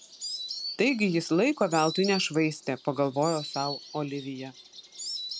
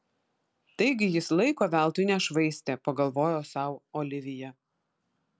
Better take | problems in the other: second | background sound (Insect); 11 dB below the speech

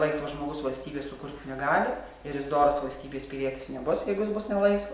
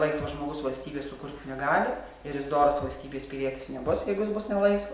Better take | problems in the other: first | background sound (Thump, thud); 18 dB below the speech

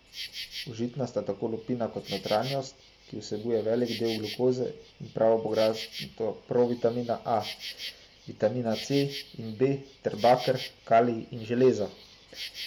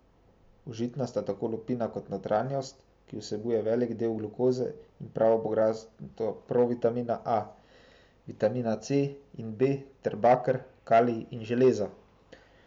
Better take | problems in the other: second | background sound (Insect); 15 dB below the speech

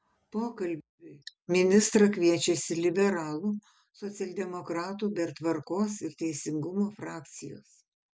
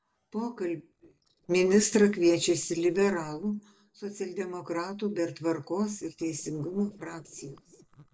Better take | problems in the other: first | noise reduction (neural separator model SepFormer DNS4)

